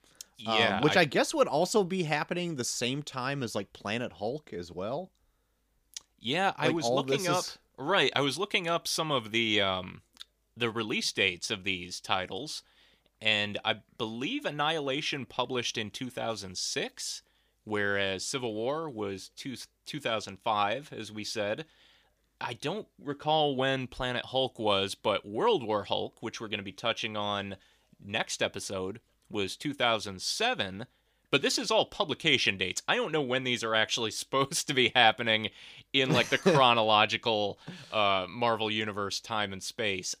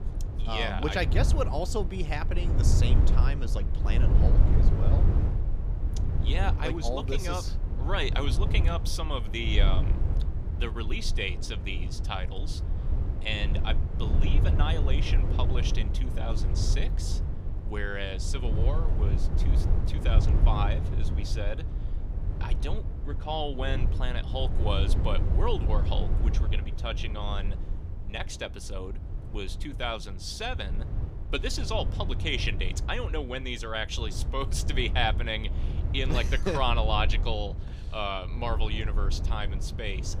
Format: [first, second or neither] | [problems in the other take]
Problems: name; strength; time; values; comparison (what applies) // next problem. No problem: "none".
first | low rumble; loud; throughout; 10 dB below the speech